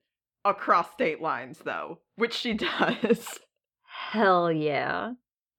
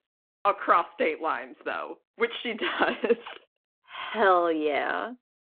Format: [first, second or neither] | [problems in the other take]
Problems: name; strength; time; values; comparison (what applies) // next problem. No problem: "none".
first | phone-call audio